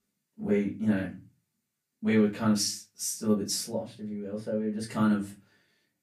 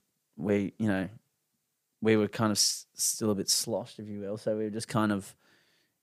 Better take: second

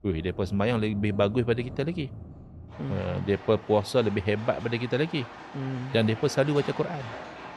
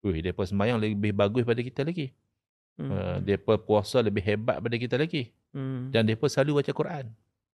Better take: second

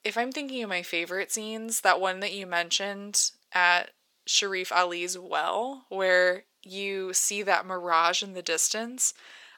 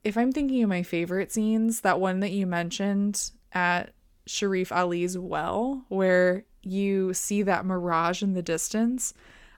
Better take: second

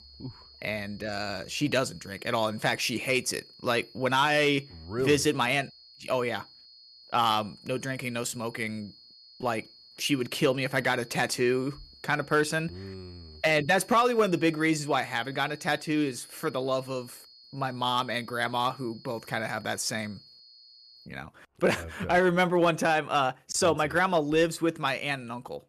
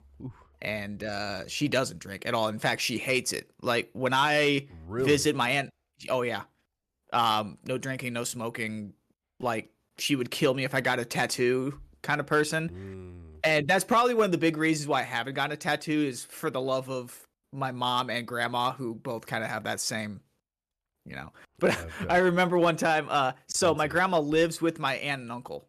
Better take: second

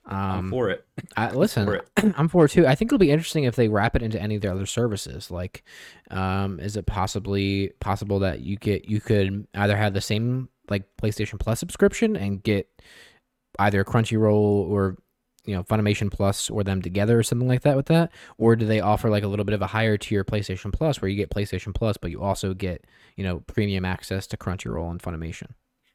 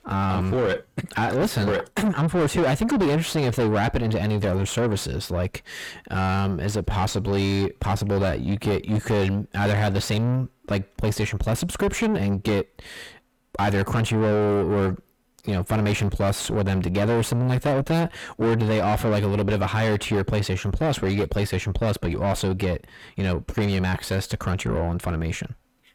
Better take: first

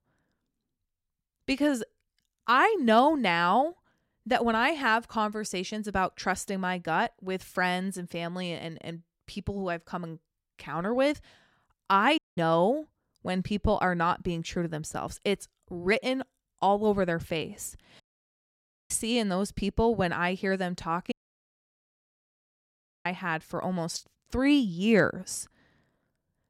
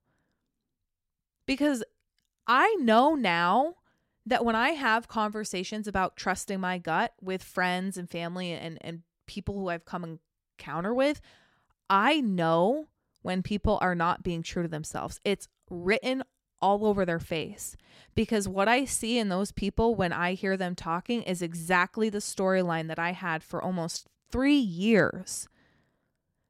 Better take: second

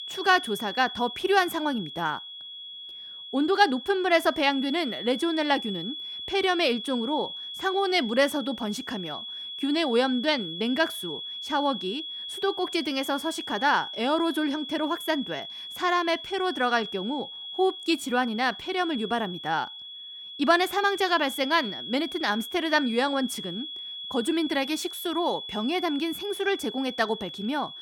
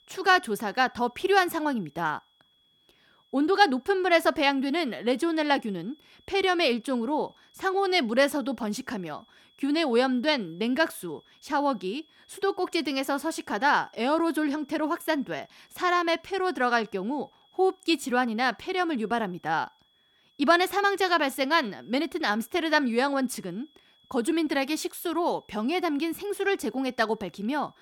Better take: second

